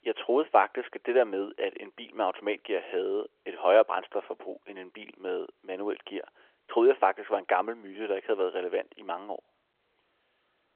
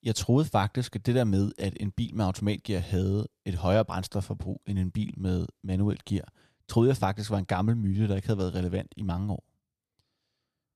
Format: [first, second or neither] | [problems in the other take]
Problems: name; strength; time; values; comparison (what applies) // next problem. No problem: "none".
second | phone-call audio